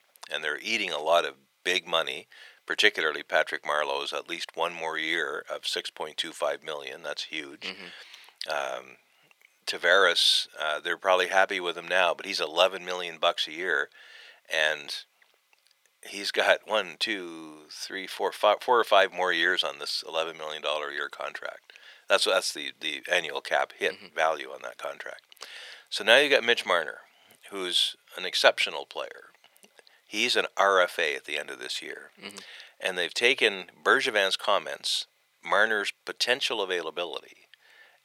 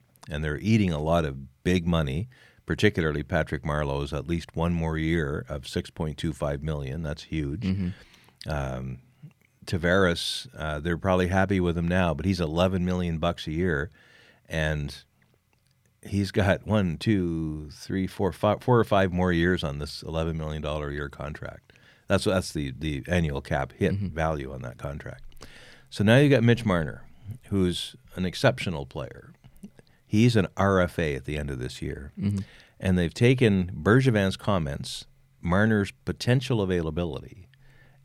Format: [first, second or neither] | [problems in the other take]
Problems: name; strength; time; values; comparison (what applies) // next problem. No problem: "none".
second | thin; very; fading below 550 Hz